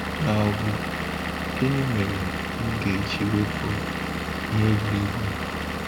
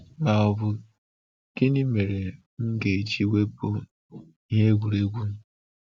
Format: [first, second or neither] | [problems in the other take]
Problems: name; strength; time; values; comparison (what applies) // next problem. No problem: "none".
second | background sound (Engine / Vehicle); 2 dB below the speech